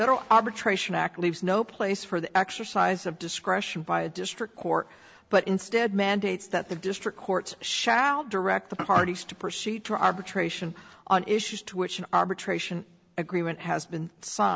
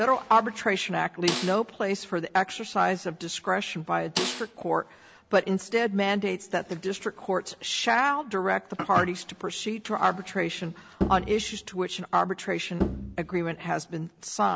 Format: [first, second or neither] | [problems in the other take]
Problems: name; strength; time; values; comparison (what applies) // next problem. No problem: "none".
first | background sound (Bowed string instrument + Snare drum); 7 dB below the speech